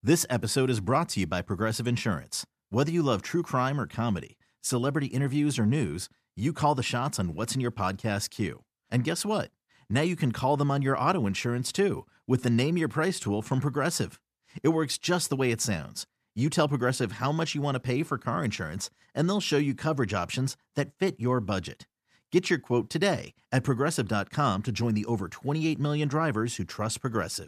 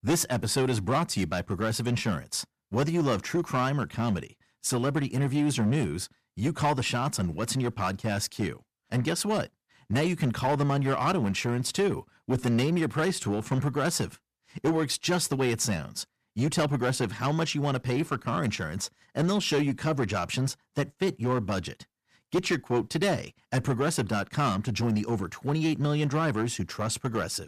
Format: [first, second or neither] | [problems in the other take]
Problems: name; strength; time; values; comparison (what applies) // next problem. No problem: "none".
first | distortion; slight; 7% of the sound clipped